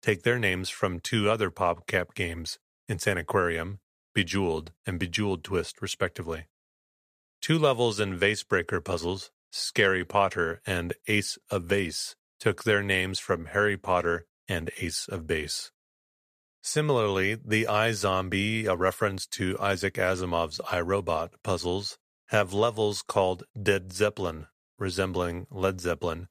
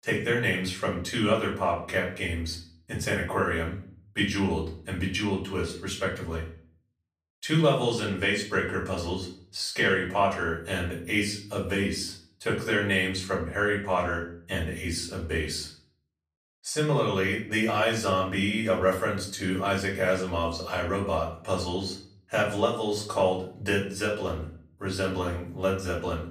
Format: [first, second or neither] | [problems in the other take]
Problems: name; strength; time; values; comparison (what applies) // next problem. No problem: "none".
first | room echo; slight; dies away in 0.4 s // off-mic speech; far